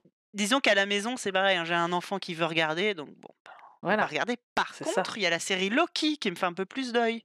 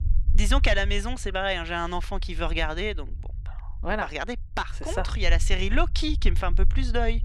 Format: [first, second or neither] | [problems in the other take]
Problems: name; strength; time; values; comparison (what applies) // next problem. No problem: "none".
first | low rumble; faint; throughout; 25 dB below the speech